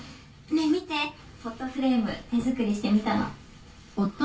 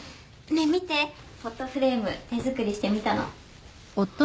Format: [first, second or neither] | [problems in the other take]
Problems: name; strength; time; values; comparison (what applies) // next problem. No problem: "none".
second | room echo; dies away in 0.2 s